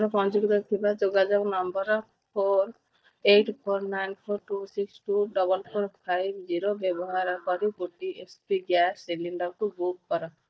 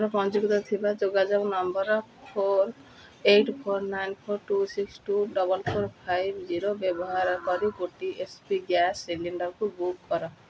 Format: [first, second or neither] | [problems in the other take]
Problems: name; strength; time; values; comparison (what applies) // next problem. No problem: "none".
second | noise reduction (neural mask model DeepFilterNet 3)